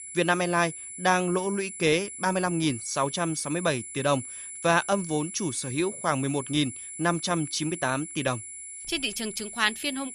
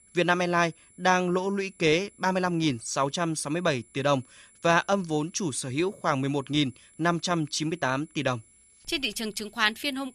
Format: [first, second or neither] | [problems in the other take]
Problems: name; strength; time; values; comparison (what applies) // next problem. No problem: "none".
second | high-pitched whine; loud; throughout; 10 kHz, 10 dB below the speech; faint in the second